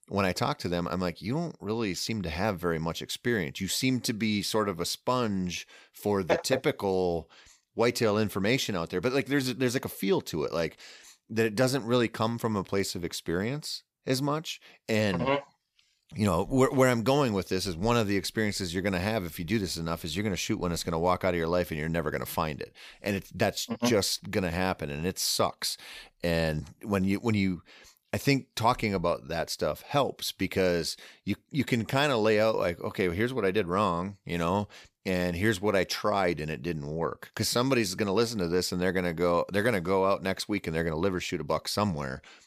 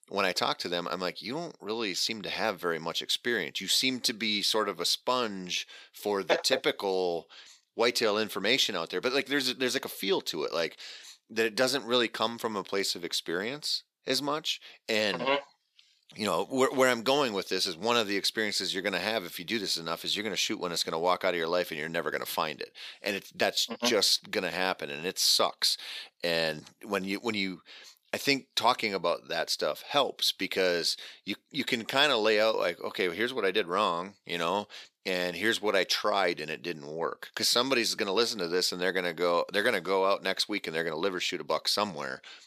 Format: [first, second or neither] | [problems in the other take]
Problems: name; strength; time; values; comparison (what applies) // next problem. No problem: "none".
first | thin; very slightly; fading below 300 Hz